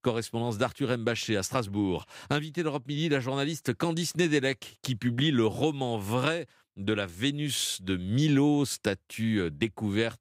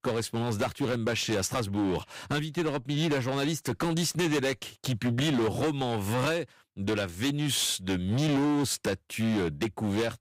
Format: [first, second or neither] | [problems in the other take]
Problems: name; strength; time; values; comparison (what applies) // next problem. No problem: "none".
first | distortion; heavy; 16% of the sound clipped